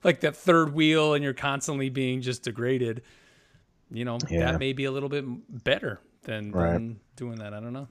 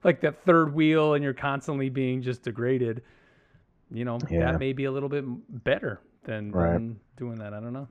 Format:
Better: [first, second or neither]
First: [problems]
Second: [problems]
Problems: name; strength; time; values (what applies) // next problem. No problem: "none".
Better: first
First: none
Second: muffled; very; fading above 3 kHz